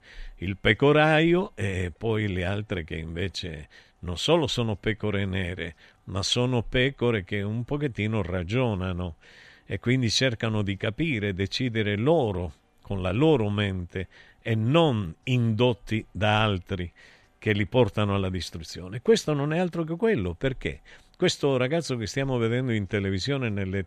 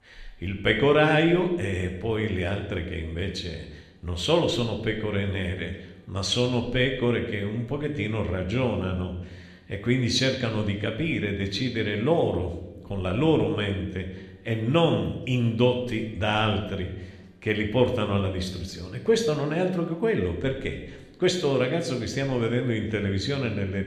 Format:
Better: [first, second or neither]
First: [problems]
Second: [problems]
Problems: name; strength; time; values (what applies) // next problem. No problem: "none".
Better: first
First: none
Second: room echo; slight; dies away in 0.7 s